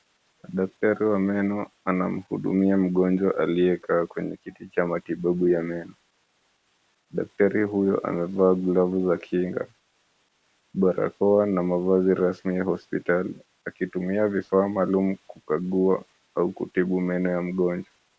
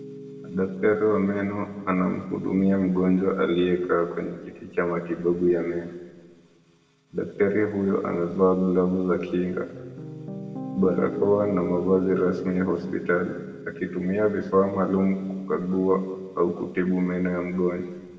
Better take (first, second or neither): first